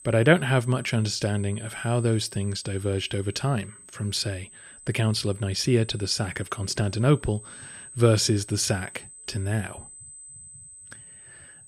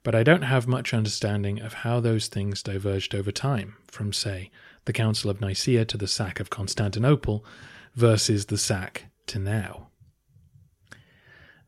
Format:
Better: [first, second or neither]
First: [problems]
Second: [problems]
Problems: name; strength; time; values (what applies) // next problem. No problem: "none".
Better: second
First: high-pitched whine; noticeable; throughout; 8 kHz, 20 dB below the speech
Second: none